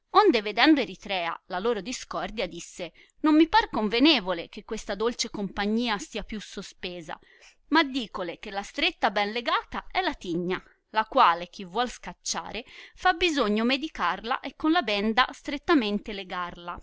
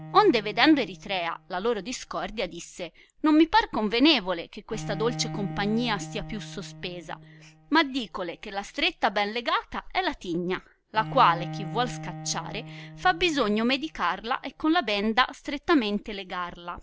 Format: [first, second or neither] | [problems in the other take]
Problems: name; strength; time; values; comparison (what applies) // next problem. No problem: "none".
first | background sound (Bowed string instrument); 15 dB below the speech